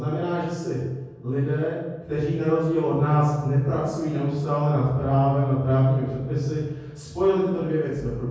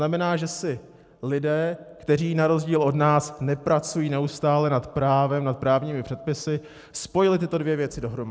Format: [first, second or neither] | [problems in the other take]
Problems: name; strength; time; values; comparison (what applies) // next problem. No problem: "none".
second | room echo; dies away in 1.3 s